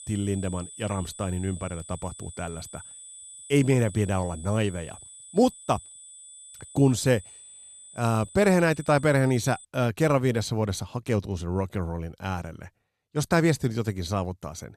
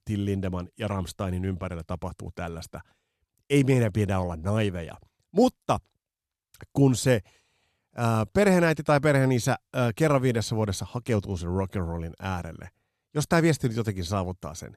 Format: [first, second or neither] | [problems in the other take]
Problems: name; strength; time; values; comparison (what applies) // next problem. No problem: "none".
second | high-pitched whine; noticeable; until 9.5 s; 8 kHz, 15 dB below the speech